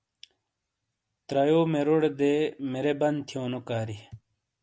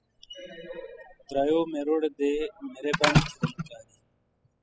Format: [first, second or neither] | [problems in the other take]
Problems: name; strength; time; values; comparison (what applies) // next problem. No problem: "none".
first | noise reduction (classical method spectral subtraction)